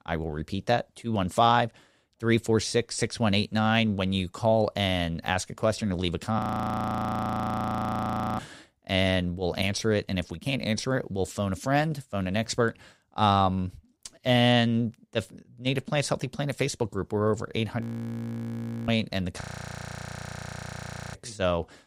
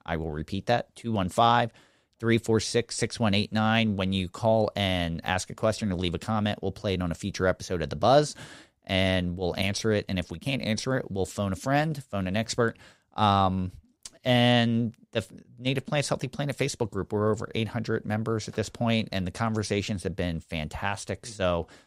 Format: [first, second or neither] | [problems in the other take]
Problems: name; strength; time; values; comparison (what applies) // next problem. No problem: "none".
second | audio freezing; at 6.5 s for 2 s, at 18 s for 1 s and at 19 s for 1.5 s